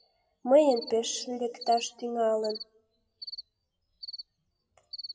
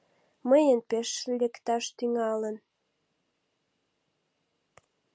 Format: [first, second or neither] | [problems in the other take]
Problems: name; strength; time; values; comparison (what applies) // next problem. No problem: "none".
second | noise reduction (classical method WPE with log-MMSE)